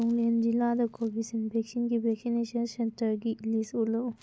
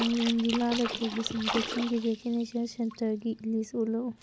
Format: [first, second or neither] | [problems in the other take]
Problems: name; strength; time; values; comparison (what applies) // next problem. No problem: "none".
first | background sound (Splash, splatter); 8 dB below the speech